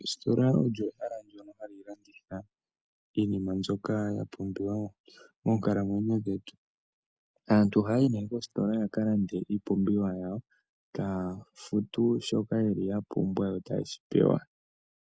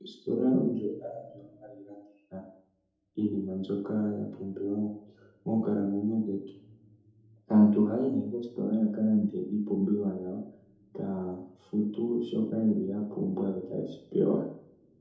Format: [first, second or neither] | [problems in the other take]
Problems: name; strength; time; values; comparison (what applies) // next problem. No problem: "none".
first | room echo; dies away in 2.6 s